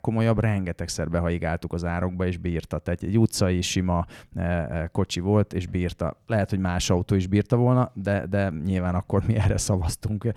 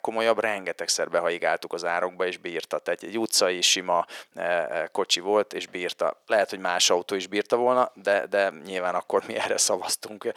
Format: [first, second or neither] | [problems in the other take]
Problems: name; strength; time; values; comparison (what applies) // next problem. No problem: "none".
first | thin; very; fading below 450 Hz